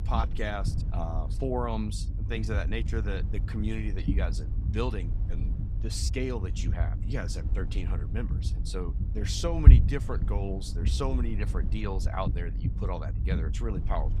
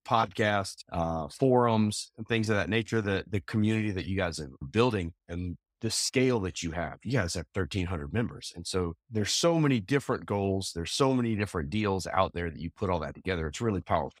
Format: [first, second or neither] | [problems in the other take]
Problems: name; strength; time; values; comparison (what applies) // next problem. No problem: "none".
second | low rumble; loud; throughout; 8 dB below the speech